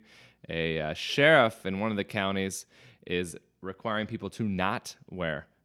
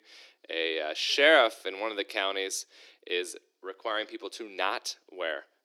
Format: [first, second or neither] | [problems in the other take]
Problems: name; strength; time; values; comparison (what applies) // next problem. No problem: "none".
first | thin; very; fading below 300 Hz